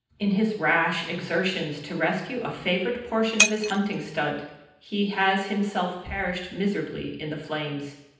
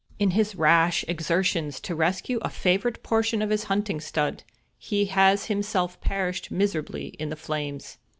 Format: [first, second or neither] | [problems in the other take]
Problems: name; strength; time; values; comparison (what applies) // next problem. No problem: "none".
second | background sound (Shatter); 4 dB below the speech // room echo; dies away in 0.9 s